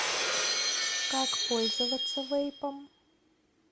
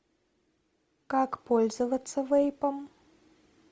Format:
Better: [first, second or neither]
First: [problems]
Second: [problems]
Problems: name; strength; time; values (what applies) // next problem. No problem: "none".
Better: second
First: background sound (Shatter); 4 dB above the speech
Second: none